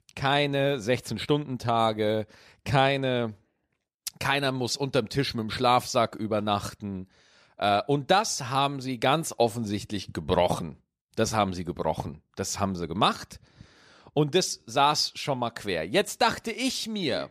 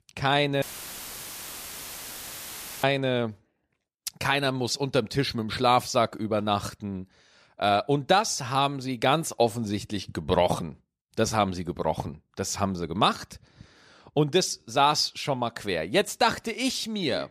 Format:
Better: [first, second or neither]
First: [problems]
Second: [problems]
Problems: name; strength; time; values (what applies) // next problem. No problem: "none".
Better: first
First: none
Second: audio cutting out; filled with static; at 0.5 s for 2 s